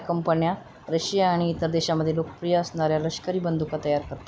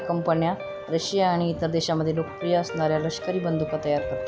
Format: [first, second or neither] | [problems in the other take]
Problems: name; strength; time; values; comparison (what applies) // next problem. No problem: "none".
first | background sound (Guitar); 10 dB below the speech